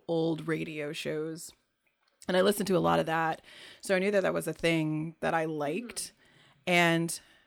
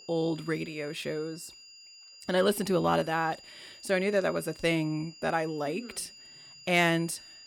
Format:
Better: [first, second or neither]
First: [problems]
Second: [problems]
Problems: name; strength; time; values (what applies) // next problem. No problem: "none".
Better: first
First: none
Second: high-pitched whine; noticeable; throughout; 5 kHz, 20 dB below the speech